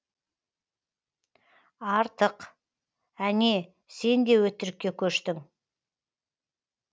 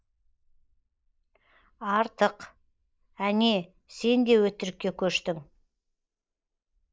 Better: first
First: none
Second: noise reduction (neural mask model Resemble Enhance denoiser)

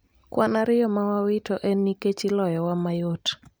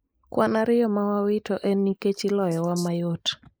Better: first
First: none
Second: noise reduction (neural mask model Resemble Enhance denoiser)

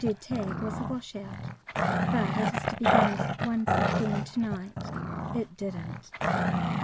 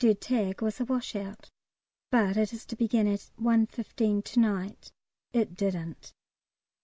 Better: second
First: background sound (Growling); 4 dB above the speech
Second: none

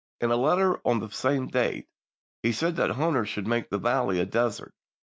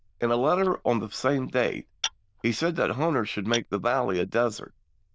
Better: first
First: none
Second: noise reduction (neural diffusion model UNIVERSE++)

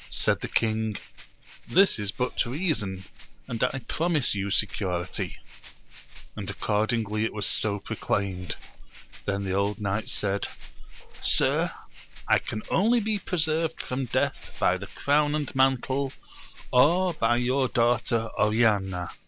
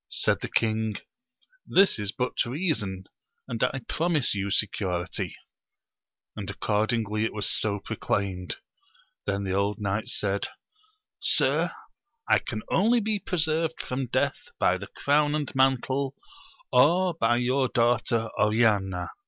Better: second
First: background sound (Rattle (instrument) + Meow / Purr); 11 dB below the speech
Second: none

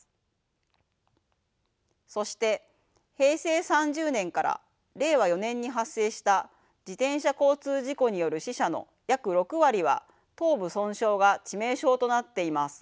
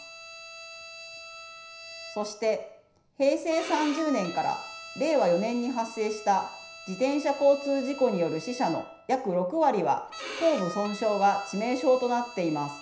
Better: first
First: none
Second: background sound (Bowed string instrument); 15 dB below the speech // room echo; dies away in 0.5 s

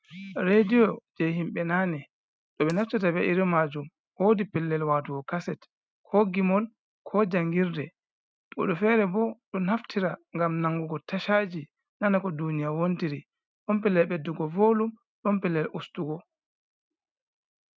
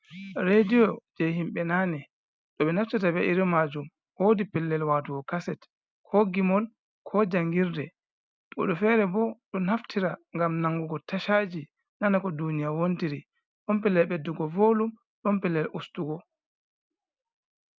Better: second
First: noise reduction (neural mask model RNNoise)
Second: none

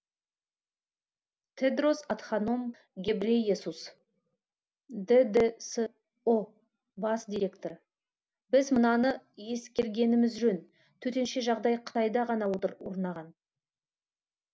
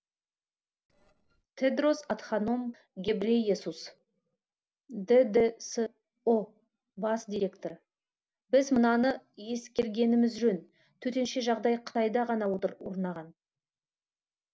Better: first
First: none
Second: noise reduction (neural separator model SepFormer DNS4)

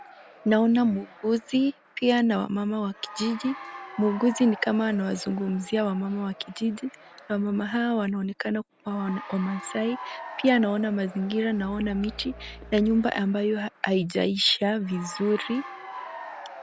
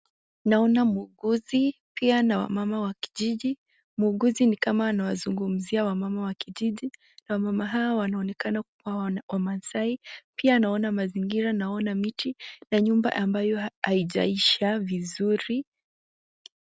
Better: second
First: background sound (Applause / Cheering + Bowed string instrument); 17 dB below the speech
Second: none

